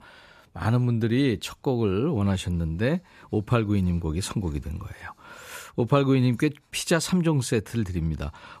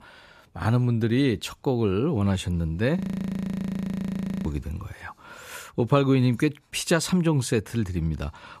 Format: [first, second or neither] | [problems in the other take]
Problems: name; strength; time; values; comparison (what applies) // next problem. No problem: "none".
first | audio freezing; at 3 s for 1.5 s